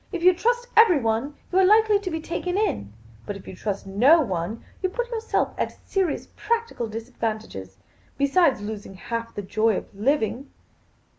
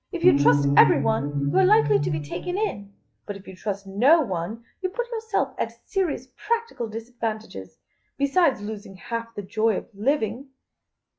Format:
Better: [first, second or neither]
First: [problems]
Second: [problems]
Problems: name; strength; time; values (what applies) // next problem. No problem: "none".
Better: first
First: none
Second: noise reduction (classical method log-MMSE)